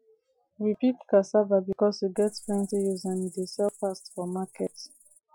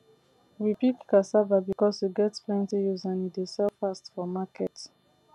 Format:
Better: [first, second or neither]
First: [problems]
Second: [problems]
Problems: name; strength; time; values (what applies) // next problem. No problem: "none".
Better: second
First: noise reduction (classical method Wiener filter)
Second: none